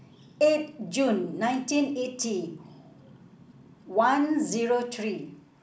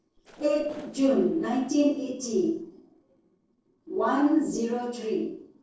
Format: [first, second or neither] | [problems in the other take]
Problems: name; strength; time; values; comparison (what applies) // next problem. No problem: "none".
first | noise reduction (neural separator model SepFormer DNS4)